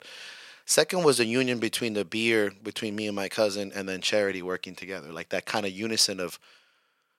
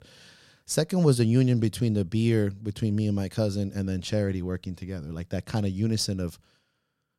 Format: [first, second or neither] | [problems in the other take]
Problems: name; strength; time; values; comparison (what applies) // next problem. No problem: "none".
second | thin; very; fading below 450 Hz